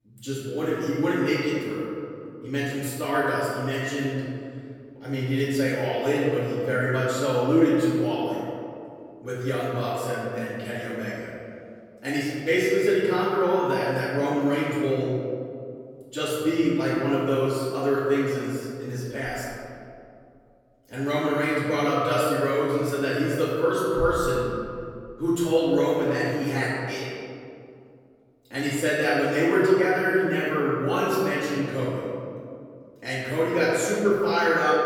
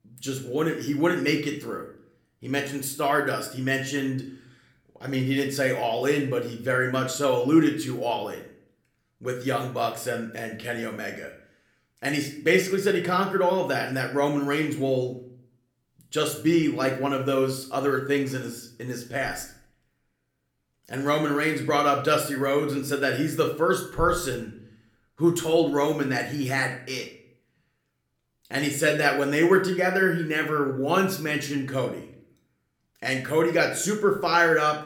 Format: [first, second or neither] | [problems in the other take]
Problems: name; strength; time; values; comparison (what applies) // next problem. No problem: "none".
second | room echo; strong; dies away in 2.2 s; slight in the second // off-mic speech; far